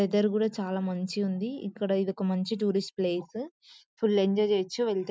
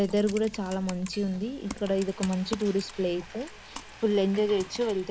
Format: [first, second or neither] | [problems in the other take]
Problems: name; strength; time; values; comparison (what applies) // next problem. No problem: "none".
first | background sound (Computer keyboard + Frying (food)); 14 dB below the speech